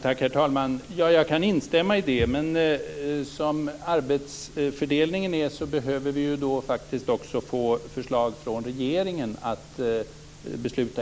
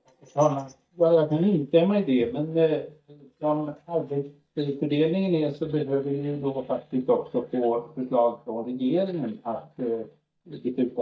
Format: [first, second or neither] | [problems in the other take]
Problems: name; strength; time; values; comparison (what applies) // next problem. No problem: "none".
first | noise reduction (neural mask model DeepFilterNet 3)